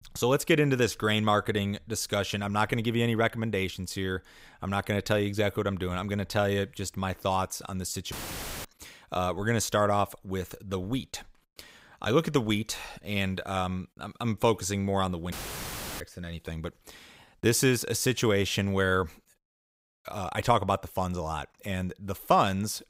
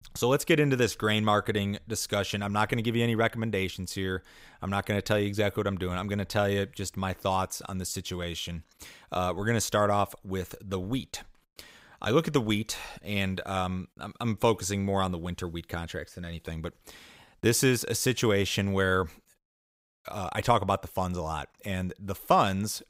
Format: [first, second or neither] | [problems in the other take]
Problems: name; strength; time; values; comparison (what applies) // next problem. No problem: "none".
second | audio cutting out; filled with static; at 8 s for 0.5 s and at 15 s for 0.5 s